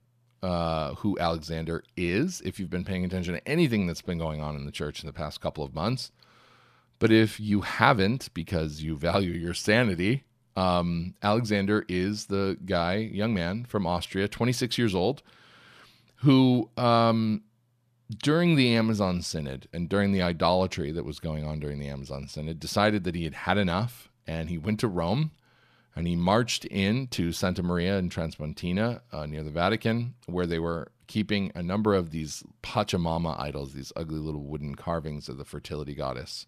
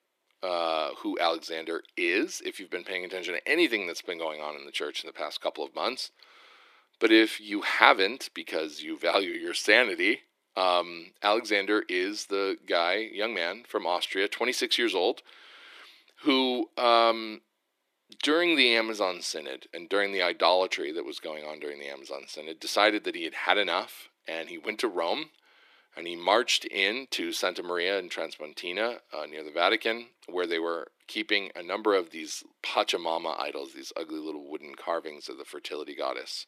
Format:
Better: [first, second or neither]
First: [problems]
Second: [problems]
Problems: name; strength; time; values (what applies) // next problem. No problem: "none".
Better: first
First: none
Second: thin; very; fading below 300 Hz